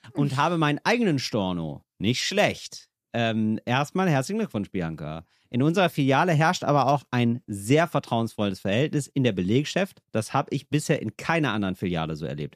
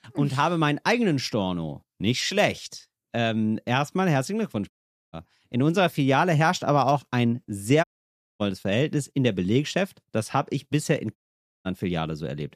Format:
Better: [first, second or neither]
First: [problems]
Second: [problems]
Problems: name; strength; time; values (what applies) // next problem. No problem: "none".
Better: first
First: none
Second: audio cutting out; at 4.5 s, at 8 s for 0.5 s and at 11 s